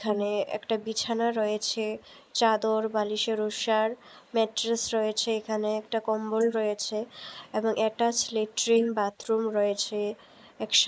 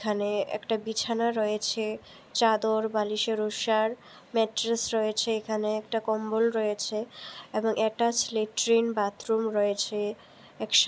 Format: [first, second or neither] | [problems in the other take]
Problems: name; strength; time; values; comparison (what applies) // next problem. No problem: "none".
second | noise reduction (neural mask model Resemble Enhance denoiser)